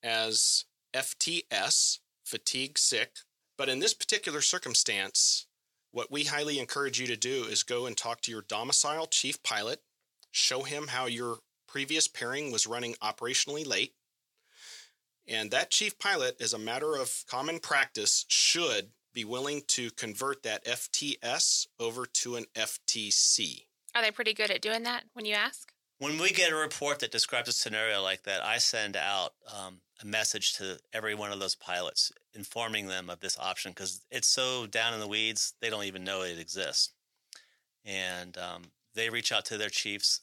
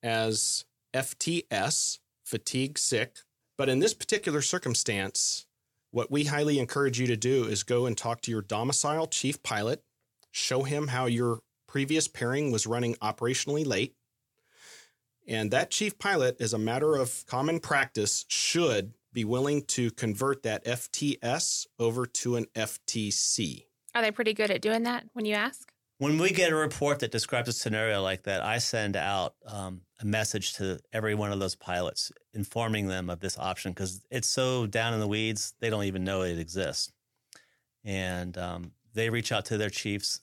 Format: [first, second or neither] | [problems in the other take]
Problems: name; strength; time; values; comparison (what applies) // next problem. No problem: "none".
second | thin; somewhat; fading below 750 Hz